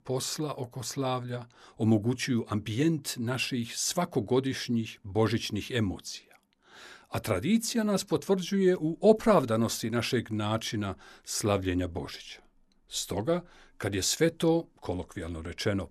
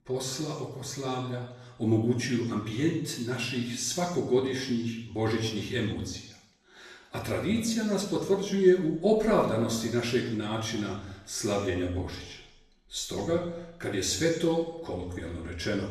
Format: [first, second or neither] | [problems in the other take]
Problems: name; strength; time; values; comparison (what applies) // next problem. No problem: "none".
first | room echo; noticeable; dies away in 0.8 s // off-mic speech; far